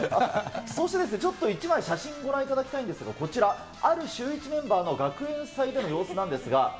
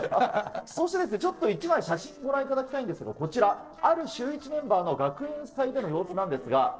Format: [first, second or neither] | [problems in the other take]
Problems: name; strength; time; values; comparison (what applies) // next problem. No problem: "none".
first | noise reduction (neural separator model SepFormer DNS4)